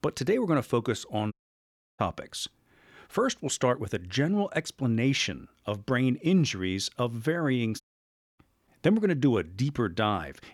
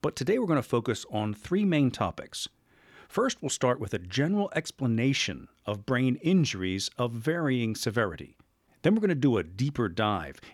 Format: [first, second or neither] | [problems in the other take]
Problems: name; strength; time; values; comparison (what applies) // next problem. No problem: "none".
second | audio cutting out; at 1.5 s for 0.5 s and at 8 s for 0.5 s